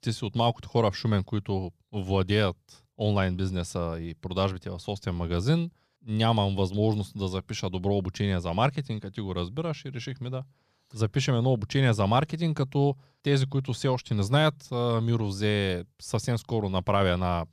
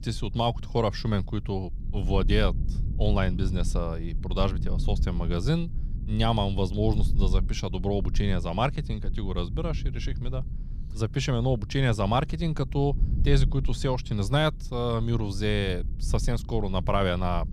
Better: first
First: none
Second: low rumble; noticeable; throughout; 15 dB below the speech

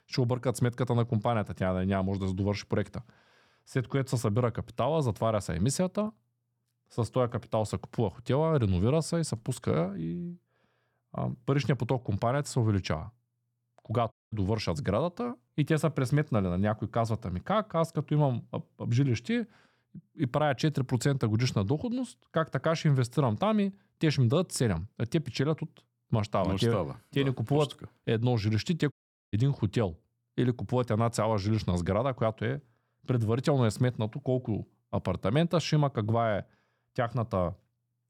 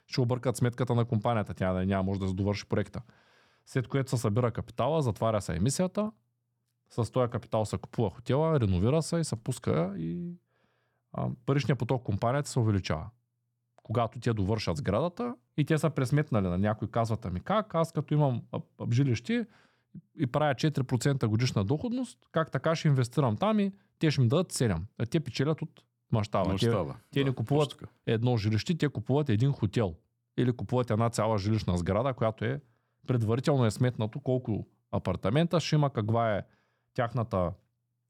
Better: second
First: audio cutting out; at 14 s and at 29 s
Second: none

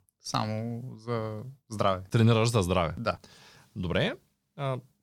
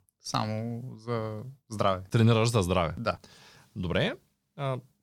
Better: neither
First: none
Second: none

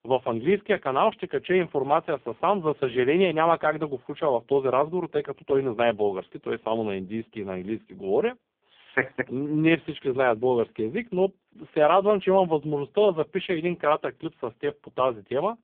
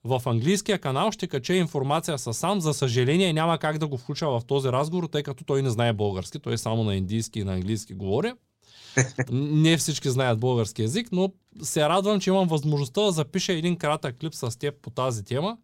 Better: second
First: phone-call audio; poor line; nothing above 3.5 kHz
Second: none

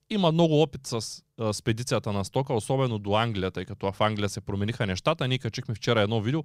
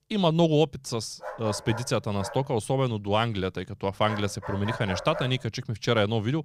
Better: first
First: none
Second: dog barking; noticeable; from 1 to 5.5 s; peak 8 dB below the speech

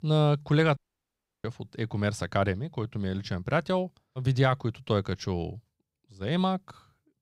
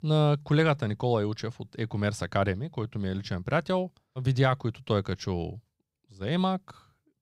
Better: second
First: audio cutting out; at 1 s for 0.5 s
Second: none

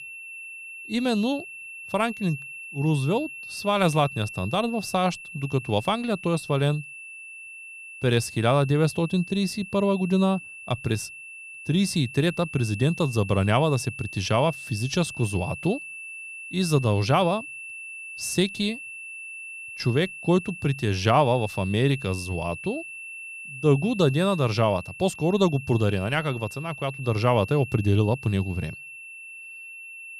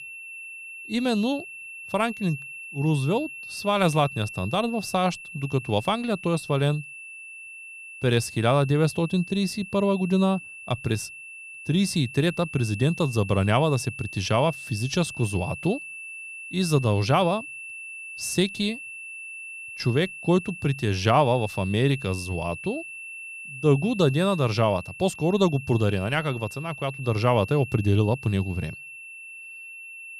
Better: neither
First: high-pitched whine; noticeable; throughout; 2.5 kHz, 10 dB below the speech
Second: high-pitched whine; noticeable; throughout; 2.5 kHz, 10 dB below the speech

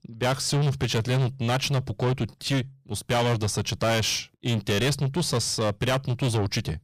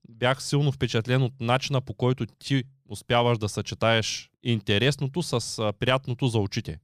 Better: second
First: distortion; heavy; 6 dB below the speech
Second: none

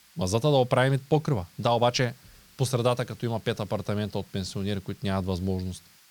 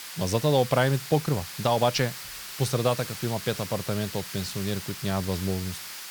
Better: first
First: hiss; faint; throughout; 25 dB below the speech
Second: hiss; loud; throughout; 9 dB below the speech

